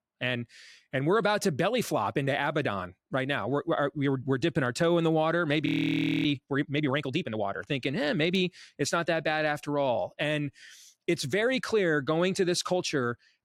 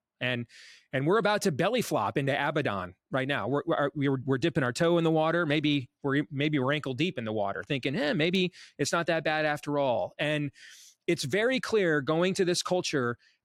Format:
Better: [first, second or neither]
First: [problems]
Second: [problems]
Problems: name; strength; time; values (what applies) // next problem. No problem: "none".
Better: second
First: audio freezing; at 5.5 s for 0.5 s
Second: none